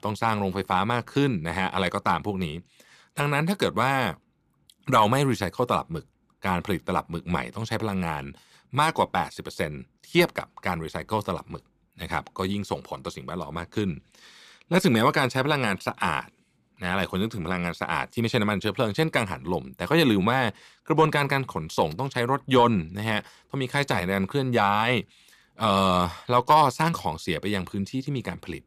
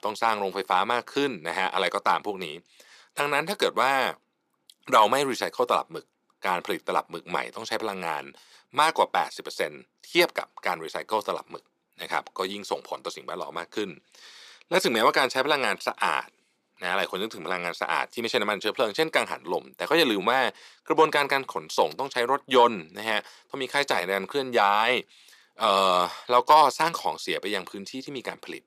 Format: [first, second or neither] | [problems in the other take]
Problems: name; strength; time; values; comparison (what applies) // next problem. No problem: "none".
first | thin; somewhat; fading below 450 Hz